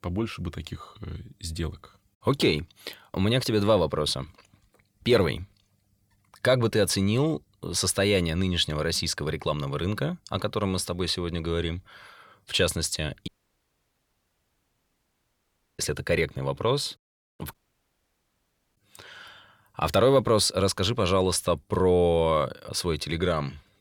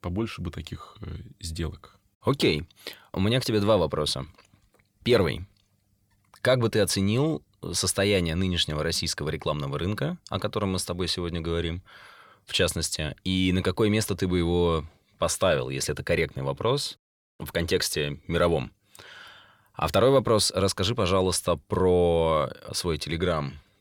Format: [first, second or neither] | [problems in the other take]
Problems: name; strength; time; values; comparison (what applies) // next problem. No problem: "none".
second | audio cutting out; at 13 s for 2.5 s and at 18 s for 1 s